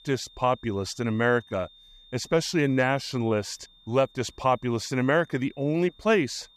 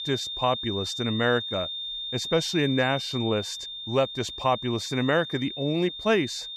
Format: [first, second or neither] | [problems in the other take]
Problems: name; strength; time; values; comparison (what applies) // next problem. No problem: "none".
first | high-pitched whine; loud; throughout; 3.5 kHz, 6 dB below the speech; faint in the first